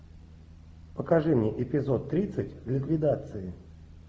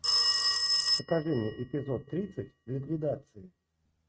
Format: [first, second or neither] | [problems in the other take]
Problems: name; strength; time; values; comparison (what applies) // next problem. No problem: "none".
first | noise reduction (neural mask model RNNoise)